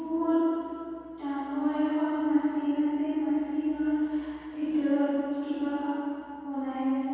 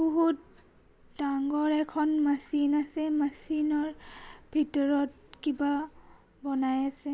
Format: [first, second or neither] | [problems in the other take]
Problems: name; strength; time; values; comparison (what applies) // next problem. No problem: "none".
second | room echo; dies away in 2.2 s